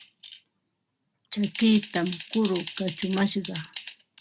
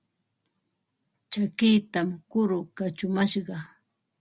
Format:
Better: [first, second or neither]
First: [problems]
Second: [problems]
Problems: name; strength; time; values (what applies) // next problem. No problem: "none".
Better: second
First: background sound (Typing); 14 dB below the speech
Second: none